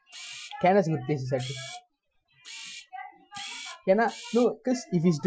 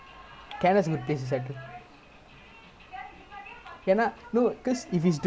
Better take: second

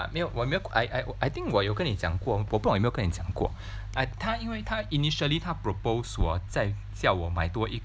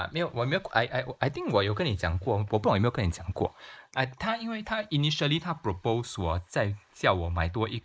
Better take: first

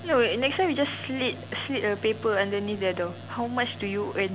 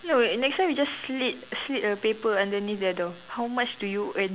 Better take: second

